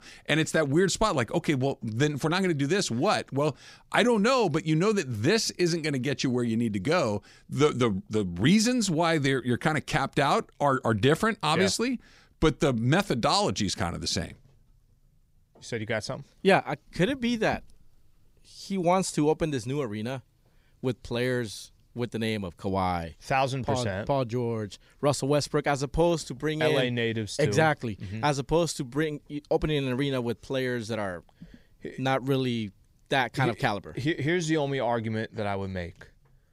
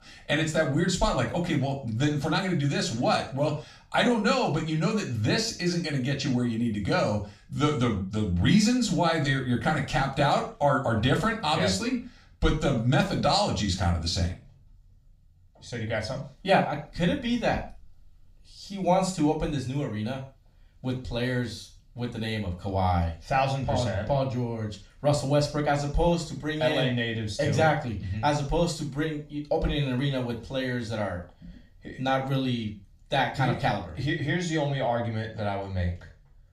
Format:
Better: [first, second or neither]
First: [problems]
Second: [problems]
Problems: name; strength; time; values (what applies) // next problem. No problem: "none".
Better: first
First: none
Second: room echo; slight; dies away in 0.3 s // off-mic speech; far